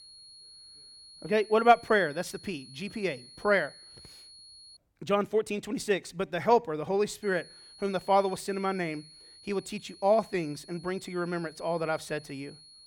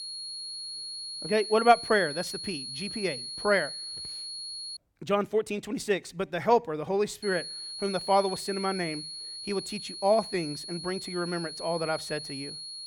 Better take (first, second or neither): first